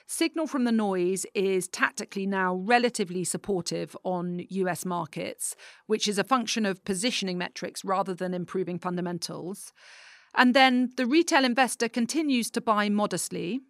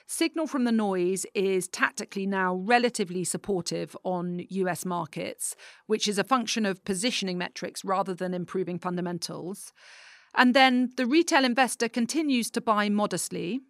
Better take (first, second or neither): neither